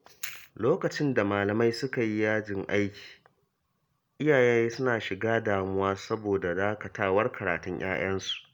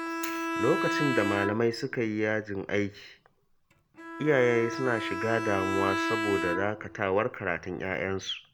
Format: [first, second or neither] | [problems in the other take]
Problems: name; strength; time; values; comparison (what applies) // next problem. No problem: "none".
first | background sound (Bowed string instrument); 5 dB below the speech